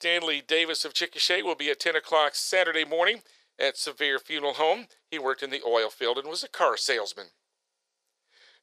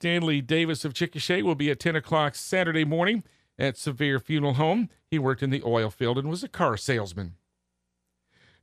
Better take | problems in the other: second | thin; very; fading below 450 Hz

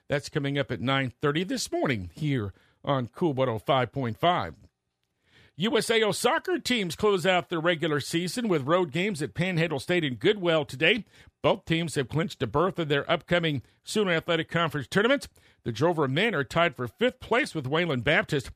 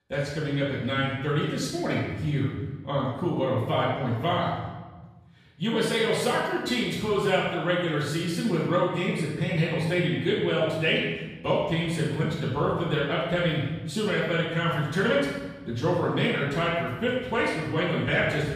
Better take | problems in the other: first | room echo; strong; dies away in 1.2 s // off-mic speech; far

